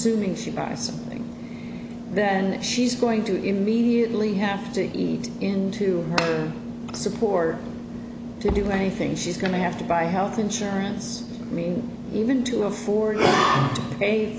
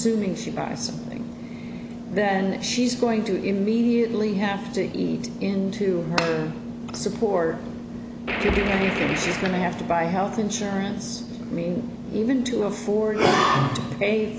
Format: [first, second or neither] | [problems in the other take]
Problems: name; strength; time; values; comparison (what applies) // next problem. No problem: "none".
first | background sound (Gunshot, gunfire); 5 dB below the speech